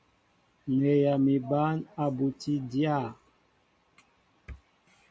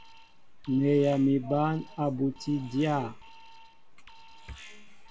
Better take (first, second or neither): first